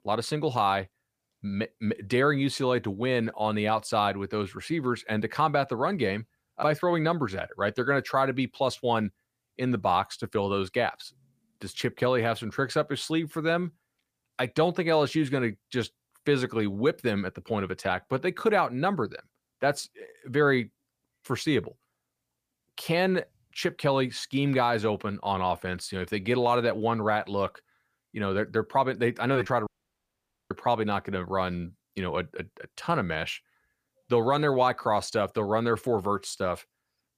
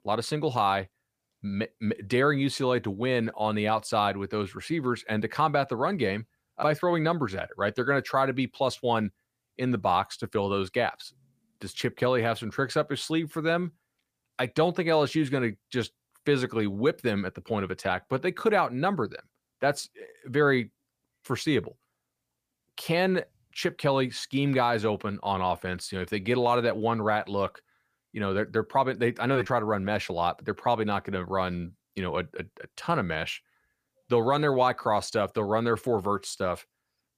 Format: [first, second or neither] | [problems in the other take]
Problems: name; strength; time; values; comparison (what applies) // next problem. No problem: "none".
second | audio cutting out; at 30 s for 1 s